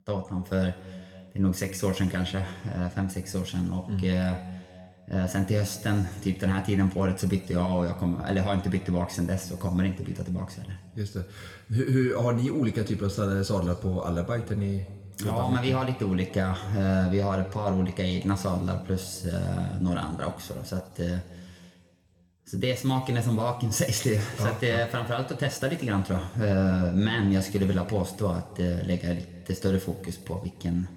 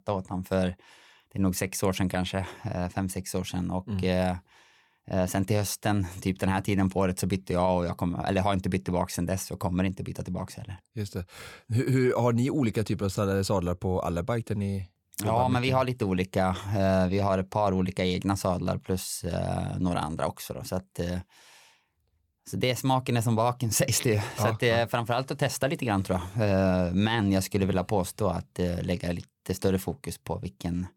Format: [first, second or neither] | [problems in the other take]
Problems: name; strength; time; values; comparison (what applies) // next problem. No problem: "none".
second | room echo; slight; dies away in 1.5 s